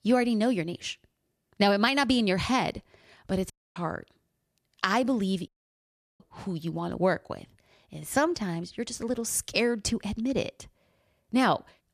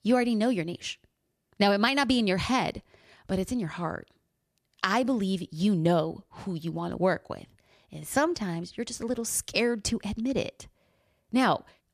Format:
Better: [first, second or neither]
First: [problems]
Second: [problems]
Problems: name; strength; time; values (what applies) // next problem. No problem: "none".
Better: second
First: audio cutting out; at 3.5 s and at 5.5 s for 0.5 s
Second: none